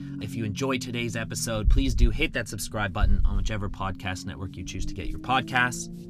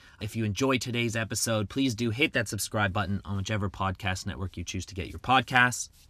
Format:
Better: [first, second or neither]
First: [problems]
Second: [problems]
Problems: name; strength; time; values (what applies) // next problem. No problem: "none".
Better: second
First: low rumble; noticeable; throughout; 15 dB below the speech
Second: none